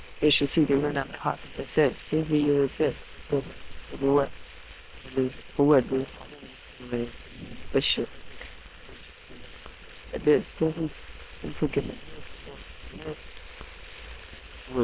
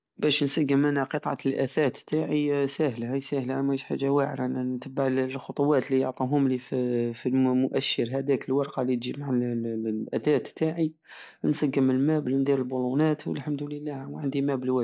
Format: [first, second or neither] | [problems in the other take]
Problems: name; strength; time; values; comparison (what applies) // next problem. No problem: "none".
second | noise reduction (neural separator model SepFormer WHAM!)